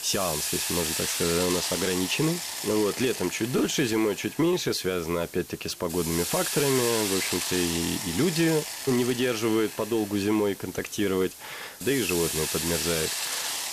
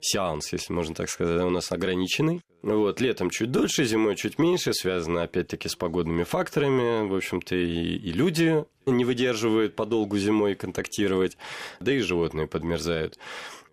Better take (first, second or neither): second